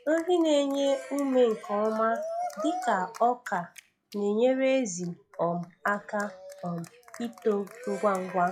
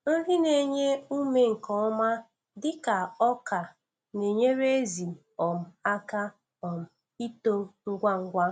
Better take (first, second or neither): second